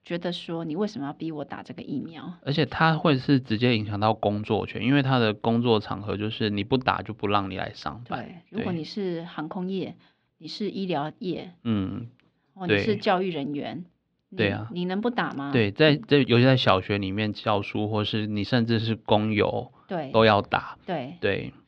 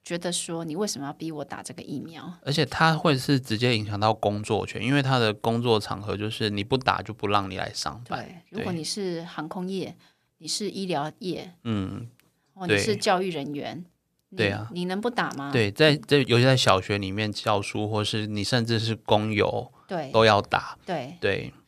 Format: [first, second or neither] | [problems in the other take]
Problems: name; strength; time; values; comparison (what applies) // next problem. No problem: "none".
second | muffled; very slightly; fading above 3.5 kHz